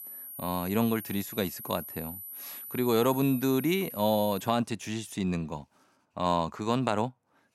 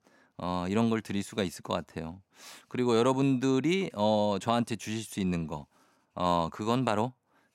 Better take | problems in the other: second | high-pitched whine; noticeable; until 4.5 s; 12 kHz, 10 dB below the speech

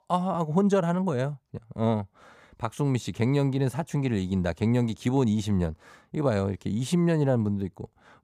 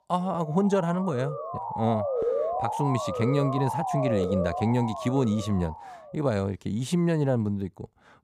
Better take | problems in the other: first | siren; loud; until 6 s; peak 1 dB above the speech

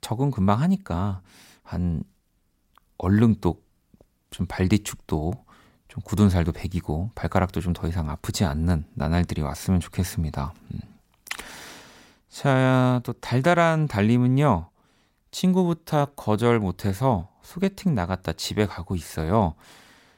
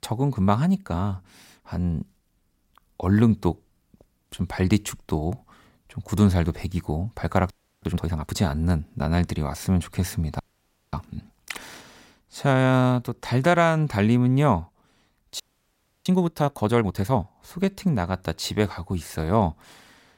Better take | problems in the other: first | audio freezing; at 7.5 s, at 10 s for 0.5 s and at 15 s for 0.5 s

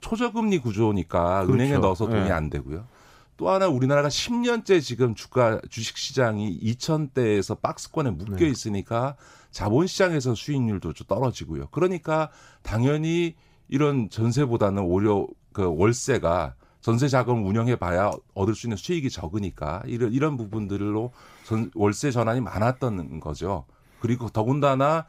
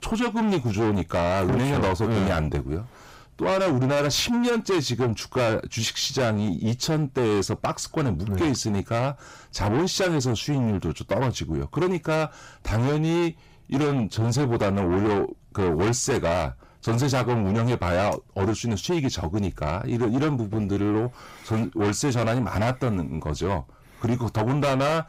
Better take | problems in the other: first | distortion; heavy; 7 dB below the speech

